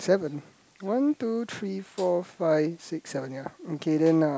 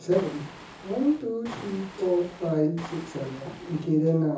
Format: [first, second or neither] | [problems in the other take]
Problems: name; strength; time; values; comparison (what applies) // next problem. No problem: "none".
first | background sound (Waves, surf); 16 dB below the speech // room echo; dies away in 0.6 s